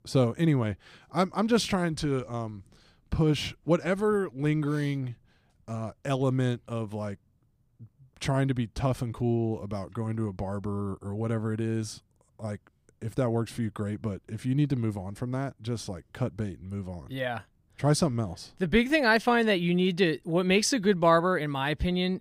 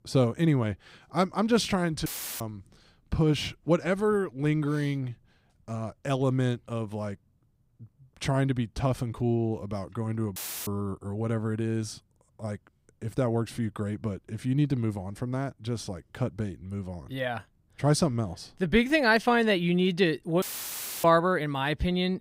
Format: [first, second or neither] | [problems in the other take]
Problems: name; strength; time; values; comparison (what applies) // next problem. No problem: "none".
first | audio cutting out; filled with static; at 2 s, at 10 s and at 20 s for 0.5 s